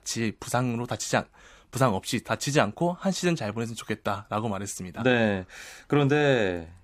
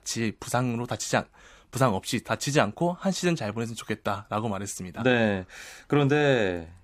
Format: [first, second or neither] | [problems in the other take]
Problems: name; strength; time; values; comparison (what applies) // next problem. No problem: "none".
neither | none